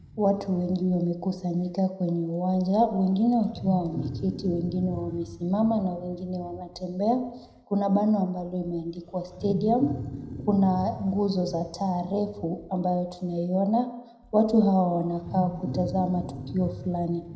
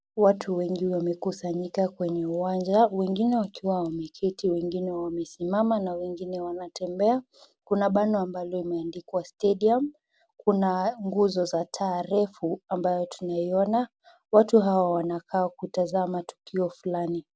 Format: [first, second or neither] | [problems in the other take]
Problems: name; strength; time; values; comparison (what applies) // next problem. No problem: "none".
second | background sound (Wild animals); 13 dB below the speech // room echo; dies away in 0.8 s